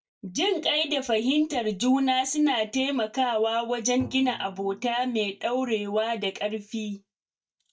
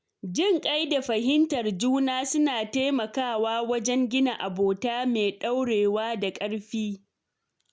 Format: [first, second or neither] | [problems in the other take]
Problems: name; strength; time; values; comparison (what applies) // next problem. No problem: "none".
second | noise reduction (neural mask model DeepFilterNet 3)